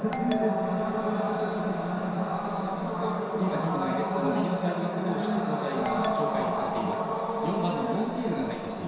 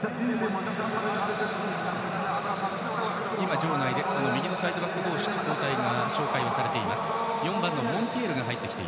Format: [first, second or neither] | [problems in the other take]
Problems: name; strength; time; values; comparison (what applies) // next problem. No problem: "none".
second | background sound (Doorbell); 10 dB below the speech // room echo; dies away in 0.7 s